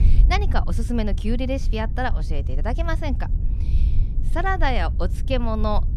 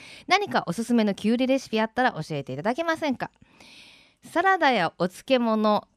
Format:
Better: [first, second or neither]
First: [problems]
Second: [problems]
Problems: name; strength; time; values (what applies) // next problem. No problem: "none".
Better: second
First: low rumble; noticeable; throughout; 15 dB below the speech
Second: none